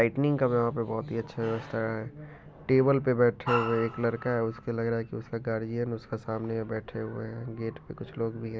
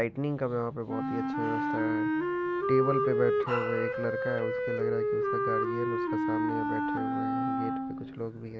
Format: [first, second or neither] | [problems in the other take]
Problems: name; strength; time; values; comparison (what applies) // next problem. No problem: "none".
first | background sound (Wind instrument, woodwind instrument); 3 dB above the speech